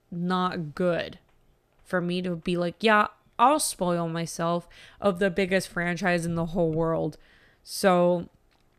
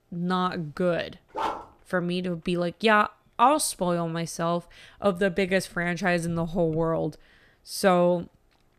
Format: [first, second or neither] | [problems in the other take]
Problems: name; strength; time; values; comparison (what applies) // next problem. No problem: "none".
first | dog barking; noticeable; at 1.5 s; peak 5 dB below the speech